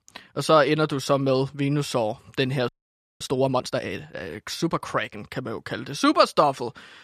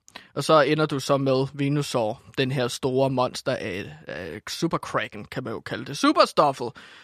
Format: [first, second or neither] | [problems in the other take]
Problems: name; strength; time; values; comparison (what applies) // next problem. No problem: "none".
second | audio freezing; at 2.5 s for 0.5 s